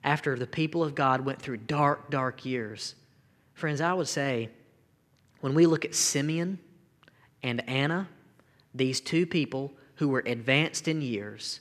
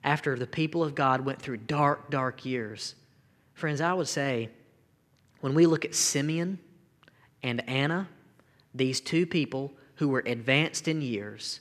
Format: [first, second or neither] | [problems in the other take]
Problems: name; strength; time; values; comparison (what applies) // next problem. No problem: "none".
neither | none